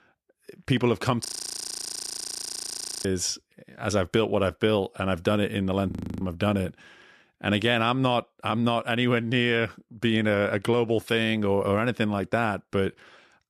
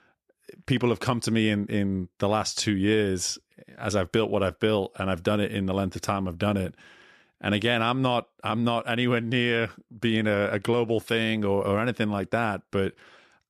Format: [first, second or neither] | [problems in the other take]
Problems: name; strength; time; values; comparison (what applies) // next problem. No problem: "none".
second | audio freezing; at 1.5 s for 2 s and at 6 s